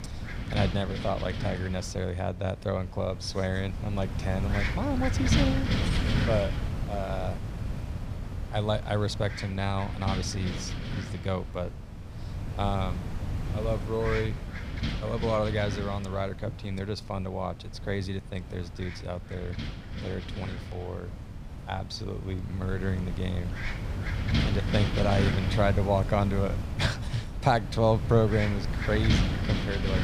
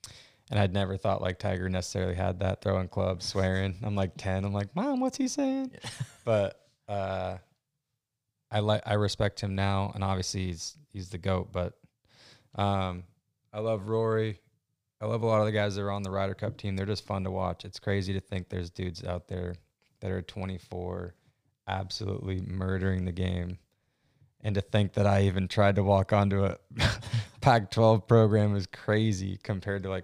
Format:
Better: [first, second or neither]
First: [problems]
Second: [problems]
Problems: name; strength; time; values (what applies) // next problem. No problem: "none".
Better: second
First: wind noise on the microphone; heavy; 5 dB below the speech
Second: none